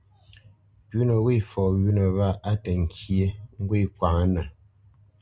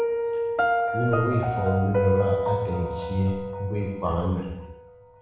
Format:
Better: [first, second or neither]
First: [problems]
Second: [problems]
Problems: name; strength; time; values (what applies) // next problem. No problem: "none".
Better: first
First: none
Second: background sound (Piano); 1 dB below the speech // room echo; dies away in 0.9 s